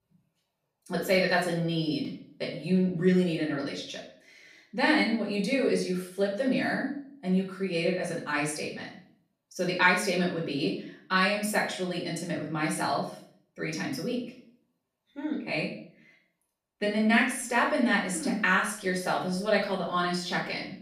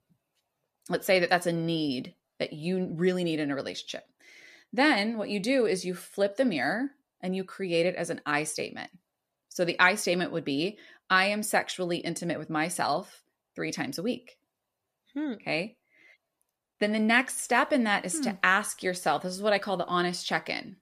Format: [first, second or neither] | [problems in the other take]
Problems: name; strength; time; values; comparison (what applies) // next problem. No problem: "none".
second | off-mic speech; far // room echo; slight; dies away in 0.5 s